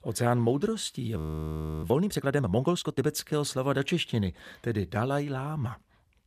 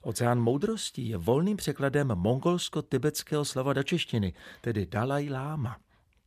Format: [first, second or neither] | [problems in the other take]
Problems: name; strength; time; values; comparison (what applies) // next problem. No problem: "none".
second | audio freezing; at 1 s for 0.5 s